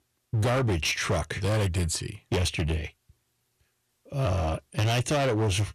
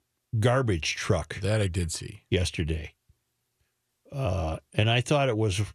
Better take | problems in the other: second | distortion; heavy; 16% of the sound clipped

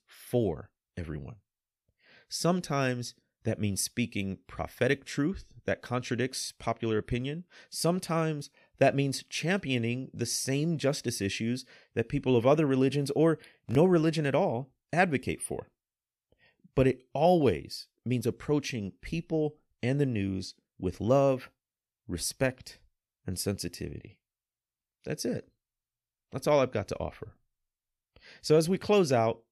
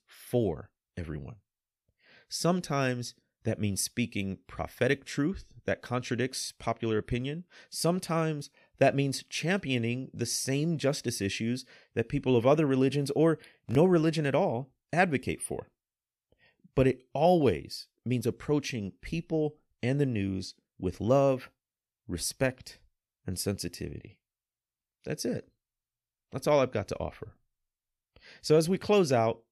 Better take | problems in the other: neither | none

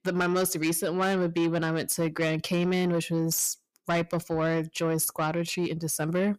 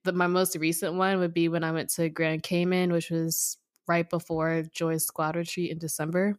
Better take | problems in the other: second | distortion; slight; 10 dB below the speech

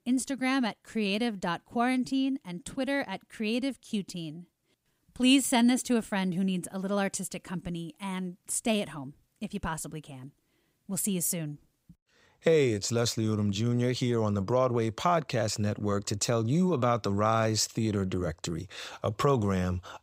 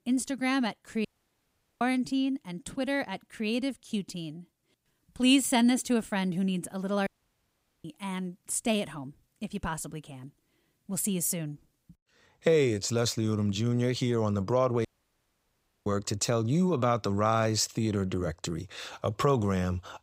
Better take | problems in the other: first | audio cutting out; at 1 s for 1 s, at 7 s for 1 s and at 15 s for 1 s

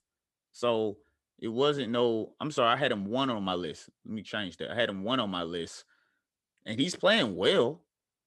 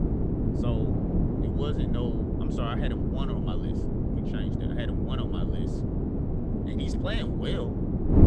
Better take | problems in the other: first | wind noise on the microphone; heavy; 3 dB above the speech

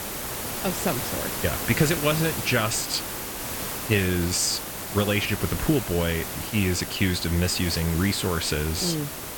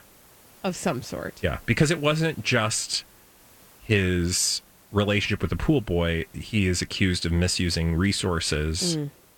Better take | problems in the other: second | hiss; loud; throughout; 5 dB below the speech; faint in the second

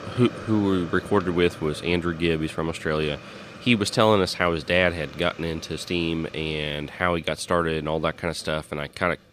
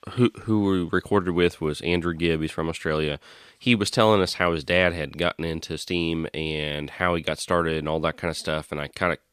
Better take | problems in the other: second | hiss; noticeable; throughout; 15 dB below the speech

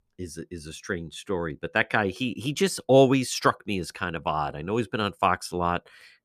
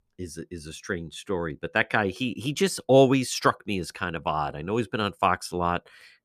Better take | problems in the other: neither | none

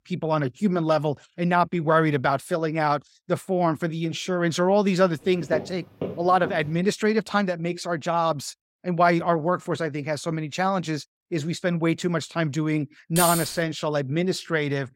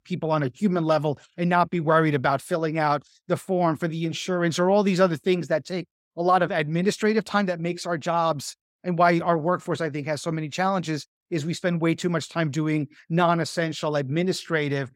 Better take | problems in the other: second | footsteps; noticeable; from 5.5 to 6.5 s; peak 10 dB below the speech // jangling keys; loud; at 13 s; peak level with the speech

